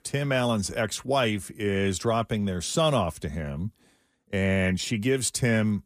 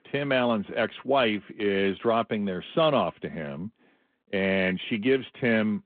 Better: first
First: none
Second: phone-call audio

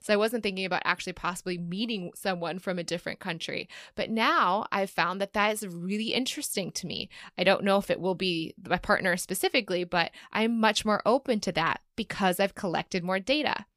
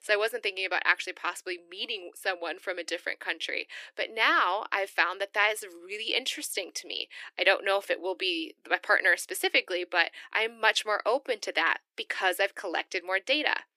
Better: first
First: none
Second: thin; very; fading below 300 Hz

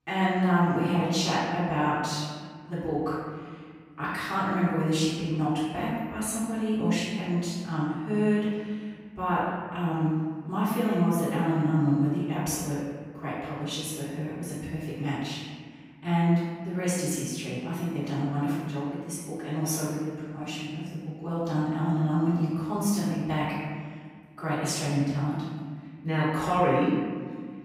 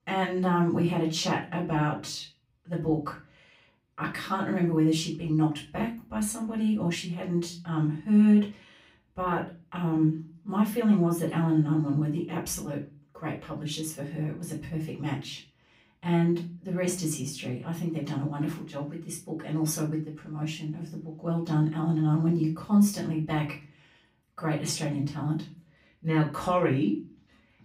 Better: second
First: room echo; strong; dies away in 1.6 s // off-mic speech; far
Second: room echo; slight; dies away in 0.3 s // off-mic speech; far

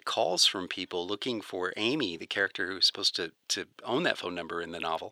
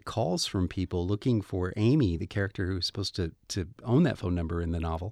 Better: second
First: thin; very; fading below 550 Hz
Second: none

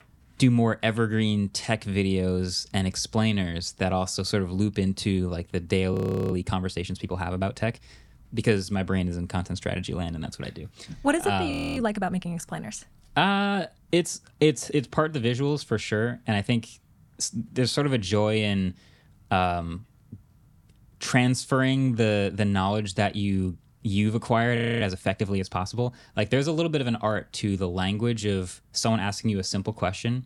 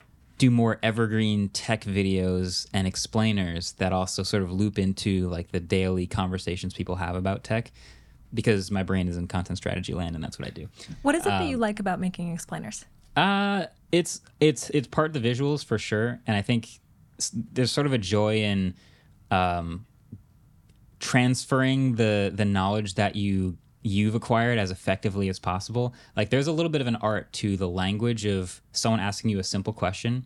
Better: second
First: audio freezing; at 6 s, at 12 s and at 25 s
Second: none

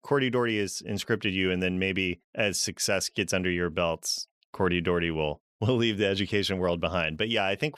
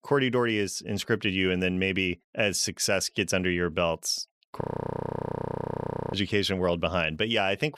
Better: first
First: none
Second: audio freezing; at 4.5 s for 1.5 s

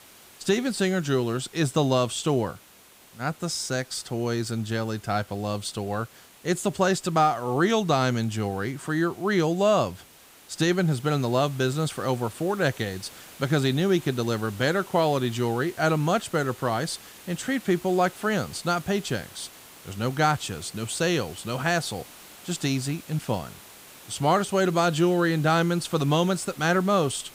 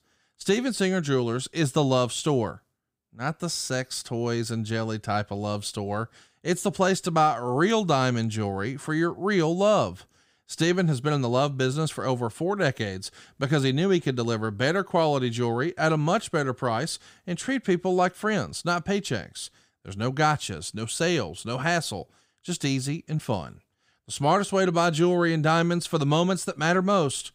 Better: second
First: hiss; faint; throughout; 20 dB below the speech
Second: none

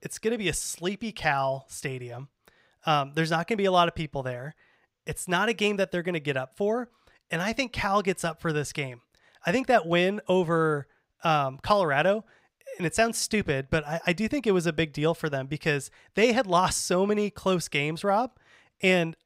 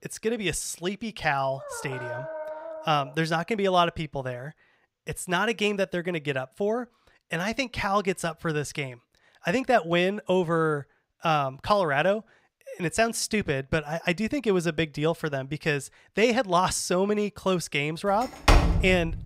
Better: first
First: none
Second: dog barking; noticeable; from 1.5 to 3 s; peak 9 dB below the speech // door banging; loud; at 18 s; peak 5 dB above the speech

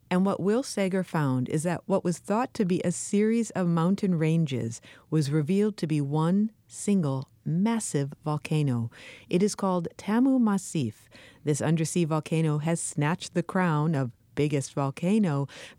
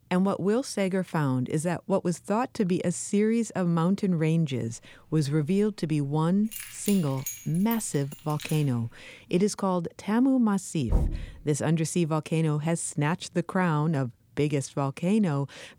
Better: first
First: none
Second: jangling keys; noticeable; from 6.5 to 8.5 s; peak 8 dB below the speech // door banging; noticeable; at 11 s; peak 2 dB below the speech

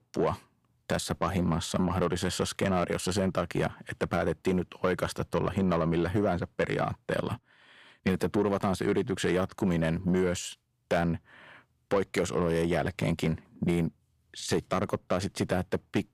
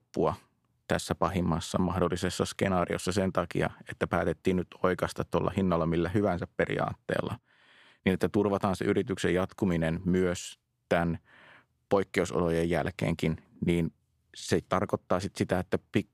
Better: second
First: distortion; slight; 10 dB below the speech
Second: none

